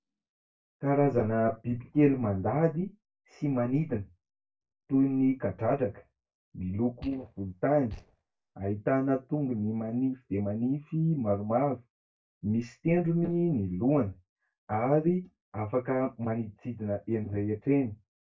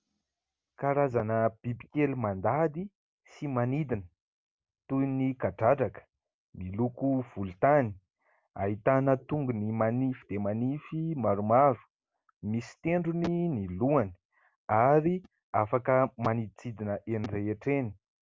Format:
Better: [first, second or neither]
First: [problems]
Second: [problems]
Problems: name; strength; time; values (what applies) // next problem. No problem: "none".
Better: second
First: noise reduction (neural mask model DeepFilterNet 3)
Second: none